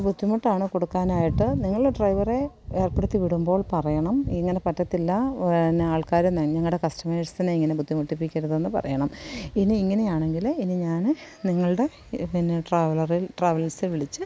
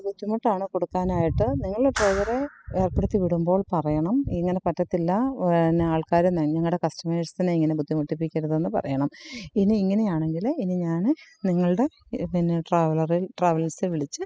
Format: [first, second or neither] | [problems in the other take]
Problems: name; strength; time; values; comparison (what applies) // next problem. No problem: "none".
first | noise reduction (classical method spectral subtraction)